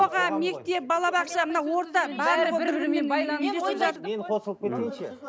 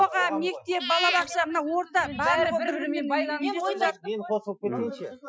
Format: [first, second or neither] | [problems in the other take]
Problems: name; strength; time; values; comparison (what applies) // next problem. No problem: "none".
first | noise reduction (classical method Wiener filter)